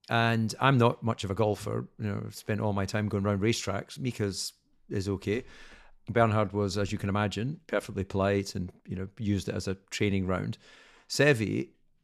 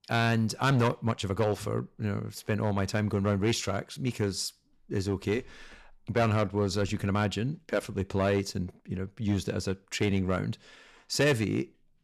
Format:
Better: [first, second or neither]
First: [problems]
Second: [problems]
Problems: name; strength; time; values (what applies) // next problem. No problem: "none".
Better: first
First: none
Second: distortion; slight; 4% of the sound clipped